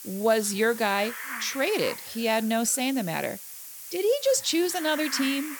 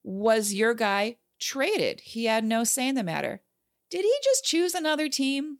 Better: second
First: hiss; noticeable; throughout; 10 dB below the speech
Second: none

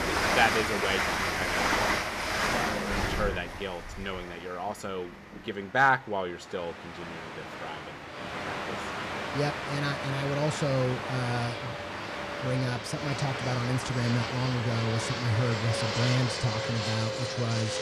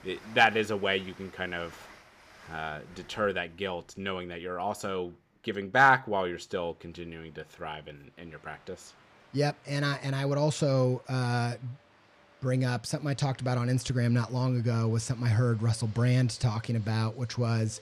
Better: second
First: train or aircraft noise; loud; throughout; 1 dB below the speech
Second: train or aircraft noise; faint; throughout; 25 dB below the speech

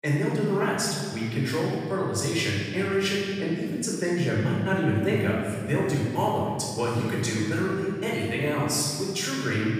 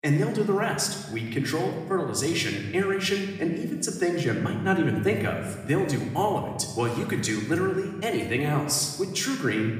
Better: second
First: room echo; strong; dies away in 2 s // off-mic speech; far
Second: room echo; slight; dies away in 1.1 s // off-mic speech; somewhat distant

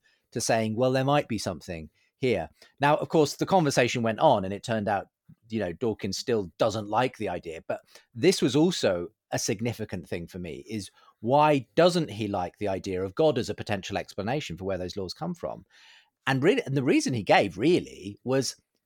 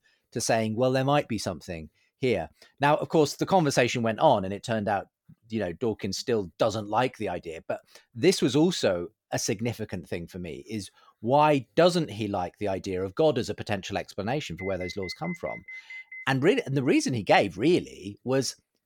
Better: first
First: none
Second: alarm; faint; from 15 to 16 s; peak 15 dB below the speech

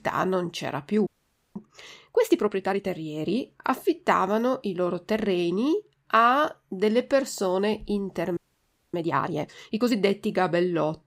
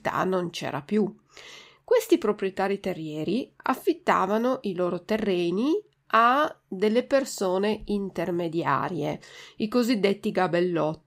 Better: second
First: audio freezing; at 1 s and at 8.5 s for 0.5 s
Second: none

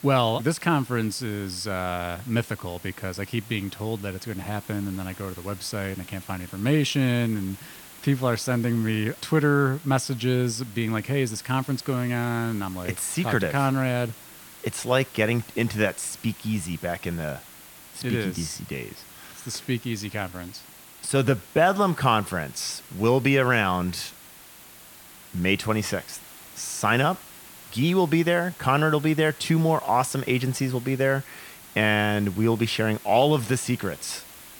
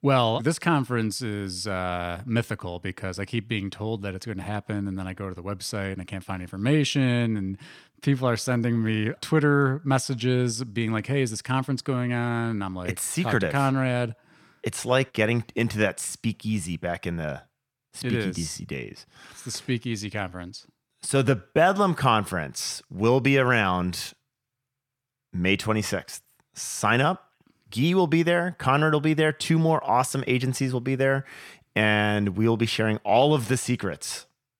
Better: second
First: hiss; noticeable; throughout; 20 dB below the speech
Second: none

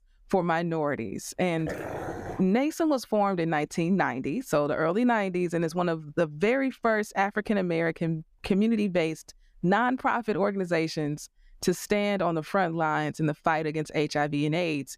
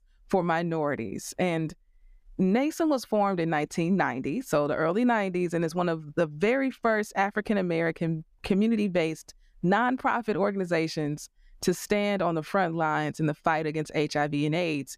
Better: second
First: dog barking; noticeable; at 1.5 s; peak 8 dB below the speech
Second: none

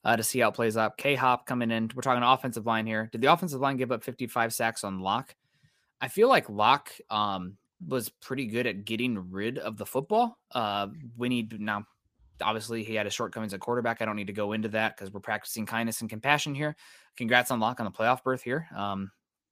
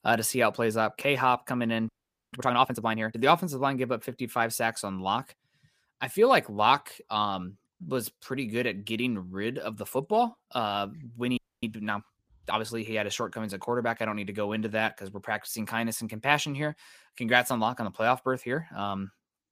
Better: first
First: none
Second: audio freezing; at 2 s and at 11 s

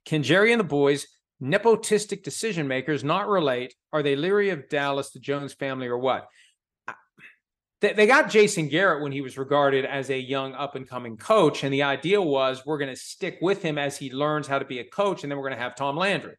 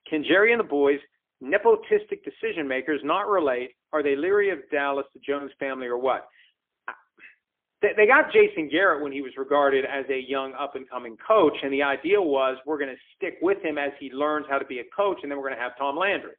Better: first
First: none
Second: phone-call audio; poor line; nothing above 3.5 kHz

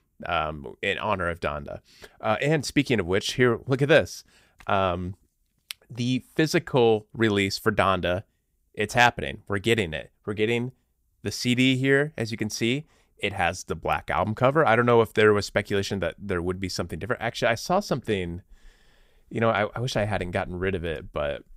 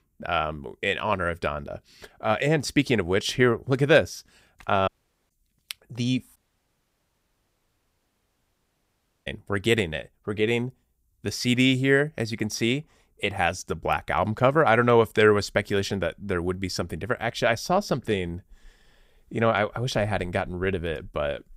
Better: first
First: none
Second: audio cutting out; at 5 s and at 6.5 s for 3 s

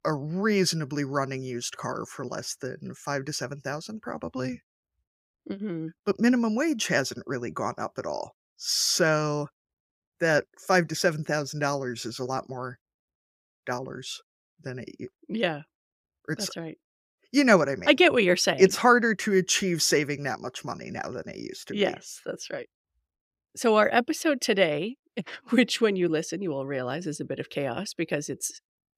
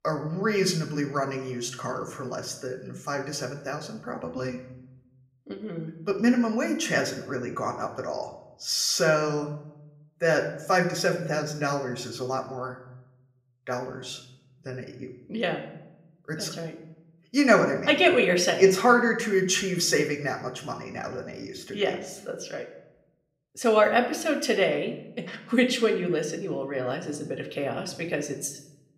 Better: first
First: none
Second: room echo; slight; dies away in 0.7 s

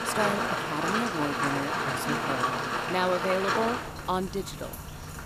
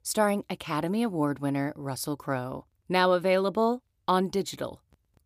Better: second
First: rain or running water; very loud; throughout; 2 dB above the speech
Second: none

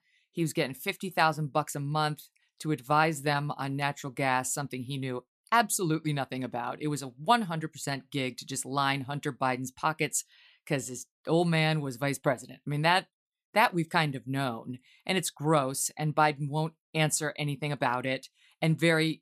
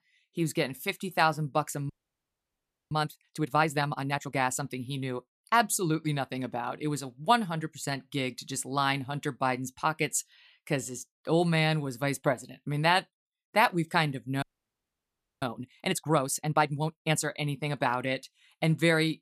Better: first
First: none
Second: audio freezing; at 2 s for 1 s and at 14 s for 1 s

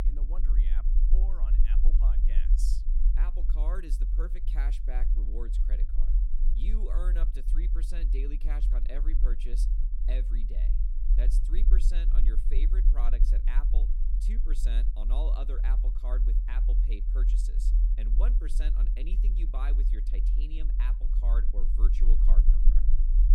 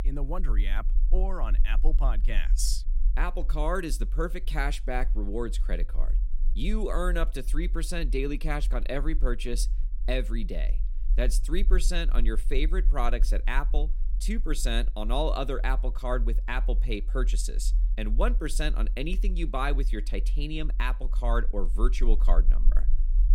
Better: second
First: low rumble; loud; throughout; 5 dB below the speech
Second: low rumble; faint; throughout; 20 dB below the speech

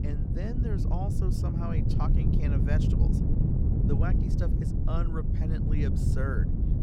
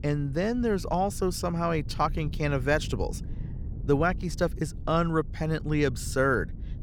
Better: second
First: wind noise on the microphone; heavy; 1 dB above the speech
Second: wind noise on the microphone; occasional gusts; 20 dB below the speech

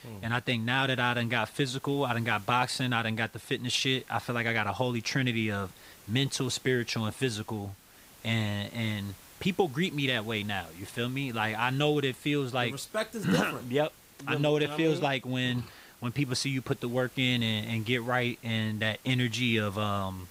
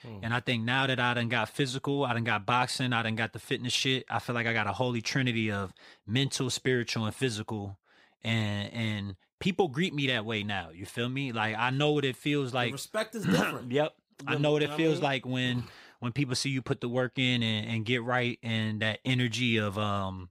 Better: second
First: hiss; faint; throughout; 25 dB below the speech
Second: none

